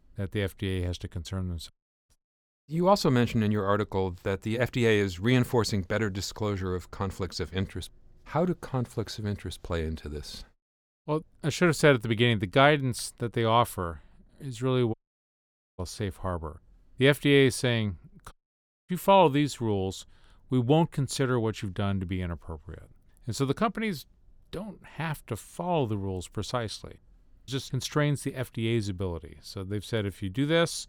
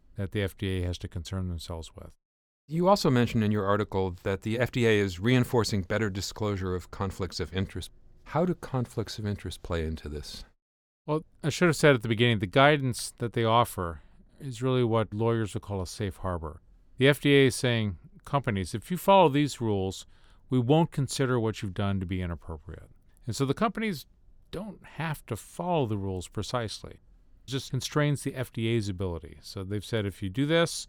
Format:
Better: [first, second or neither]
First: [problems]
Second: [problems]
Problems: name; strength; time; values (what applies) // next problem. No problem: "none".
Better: second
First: audio cutting out; at 1.5 s, at 15 s for 1 s and at 18 s for 0.5 s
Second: none